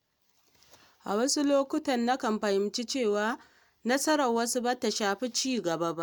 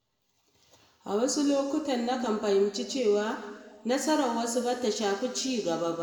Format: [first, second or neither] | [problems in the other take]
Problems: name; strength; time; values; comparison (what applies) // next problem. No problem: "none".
first | room echo; dies away in 1.5 s